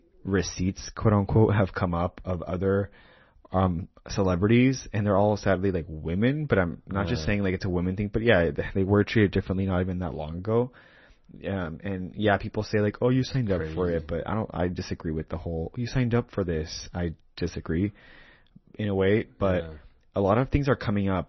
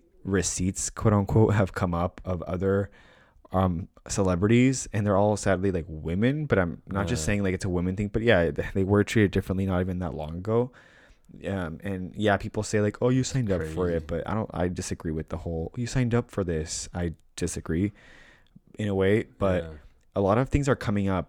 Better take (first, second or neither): second